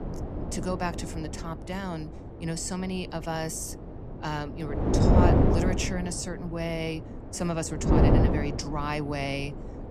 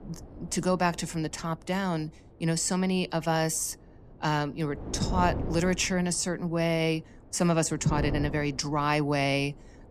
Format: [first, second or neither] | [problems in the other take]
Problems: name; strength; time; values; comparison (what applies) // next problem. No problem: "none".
second | wind noise on the microphone; heavy; 2 dB above the speech; occasional gusts in the second